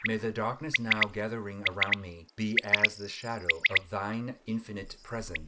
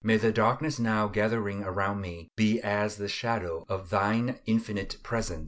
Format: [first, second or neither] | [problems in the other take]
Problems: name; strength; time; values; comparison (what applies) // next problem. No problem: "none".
second | background sound (Bird); 3 dB above the speech